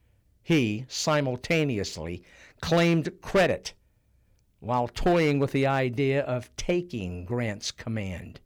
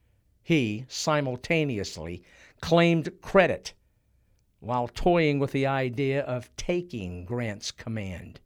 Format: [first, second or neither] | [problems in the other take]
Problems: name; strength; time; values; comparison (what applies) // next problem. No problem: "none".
second | distortion; slight; 3% of the sound clipped